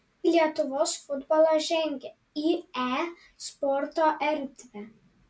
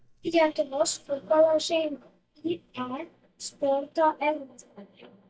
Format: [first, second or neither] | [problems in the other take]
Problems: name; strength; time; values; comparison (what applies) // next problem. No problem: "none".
first | noise reduction (neural mask model DeepFilterNet 3)